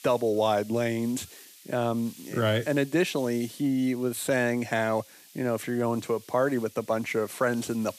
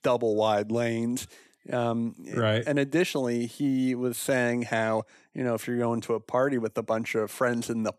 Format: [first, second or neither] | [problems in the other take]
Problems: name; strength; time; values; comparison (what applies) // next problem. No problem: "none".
second | hiss; faint; throughout; 20 dB below the speech